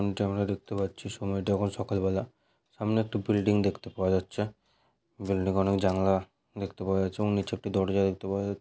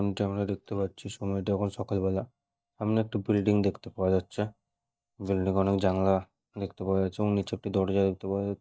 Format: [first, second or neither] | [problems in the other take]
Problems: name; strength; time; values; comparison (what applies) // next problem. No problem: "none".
first | noise reduction (neural mask model DeepFilterNet 3)